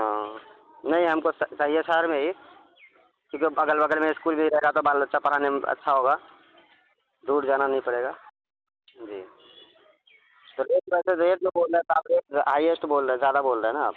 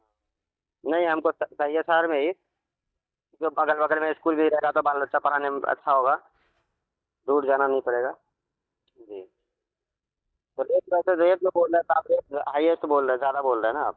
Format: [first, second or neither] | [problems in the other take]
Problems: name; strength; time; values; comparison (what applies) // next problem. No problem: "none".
first | noise reduction (neural mask model DeepFilterNet 3)